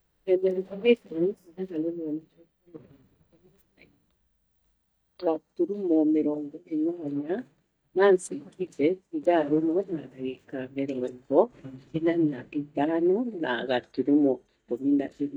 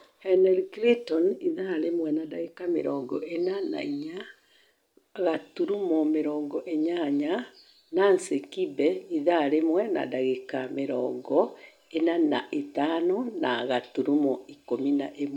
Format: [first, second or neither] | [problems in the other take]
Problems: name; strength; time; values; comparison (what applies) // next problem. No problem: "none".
second | noise reduction (neural mask model DeepFilterNet 3)